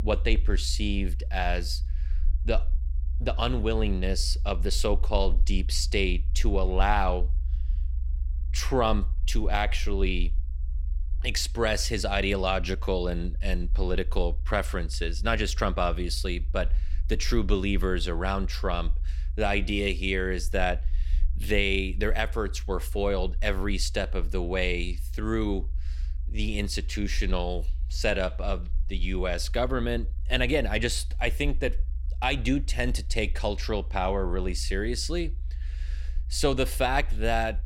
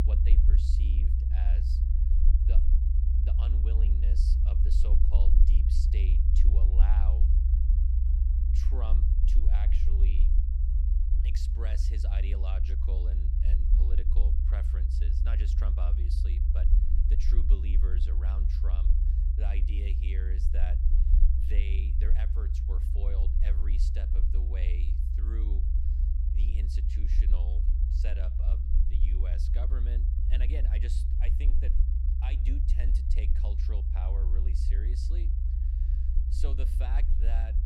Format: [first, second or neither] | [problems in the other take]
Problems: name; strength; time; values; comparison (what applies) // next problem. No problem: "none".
first | low rumble; loud; throughout; as loud as the speech; faint in the first